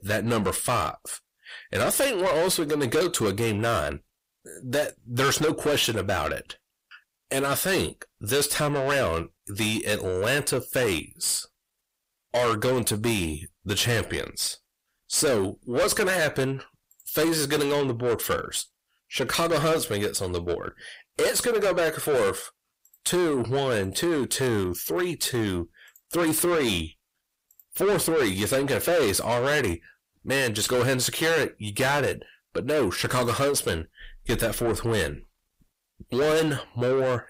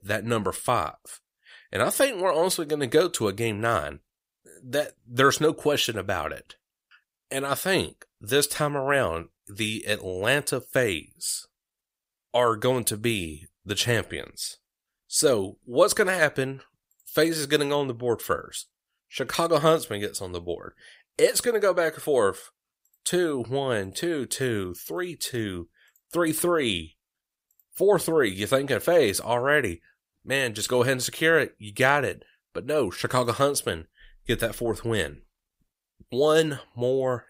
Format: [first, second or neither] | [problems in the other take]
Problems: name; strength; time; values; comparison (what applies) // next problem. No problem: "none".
second | distortion; heavy; 6 dB below the speech